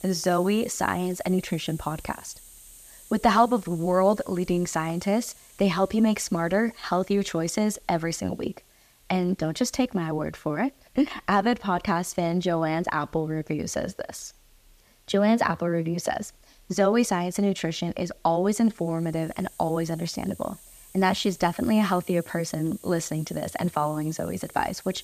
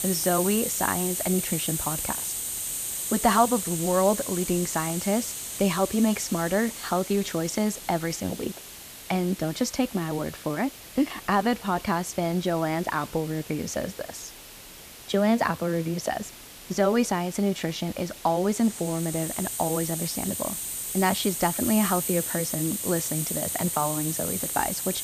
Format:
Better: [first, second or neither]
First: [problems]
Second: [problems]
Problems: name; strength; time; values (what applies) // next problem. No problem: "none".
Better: first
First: hiss; faint; throughout; 20 dB below the speech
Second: hiss; loud; throughout; 3 dB below the speech